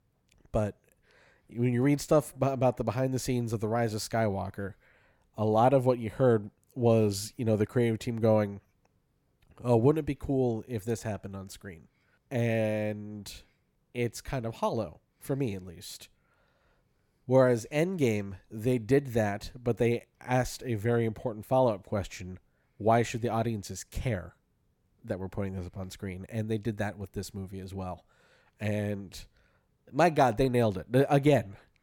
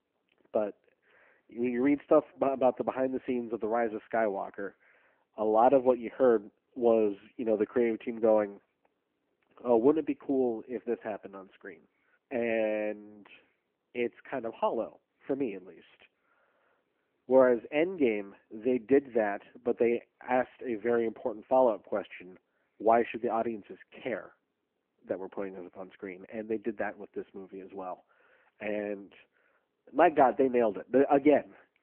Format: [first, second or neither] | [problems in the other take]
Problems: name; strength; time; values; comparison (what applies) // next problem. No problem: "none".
first | phone-call audio